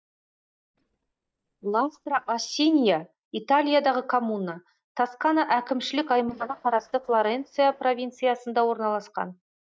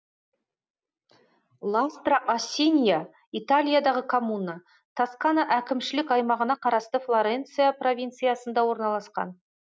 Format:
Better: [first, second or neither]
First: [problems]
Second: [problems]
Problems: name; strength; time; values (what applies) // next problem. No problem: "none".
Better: second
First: noise reduction (neural mask model DeepFilterNet 3)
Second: none